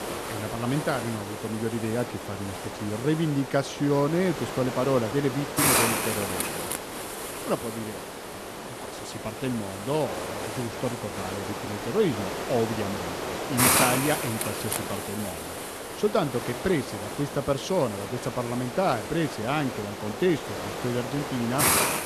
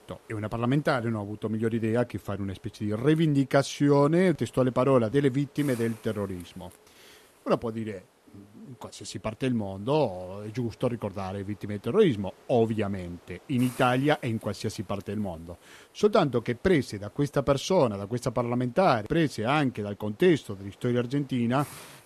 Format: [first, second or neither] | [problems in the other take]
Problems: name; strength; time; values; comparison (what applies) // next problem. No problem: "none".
second | hiss; loud; throughout; 1 dB below the speech; faint in the second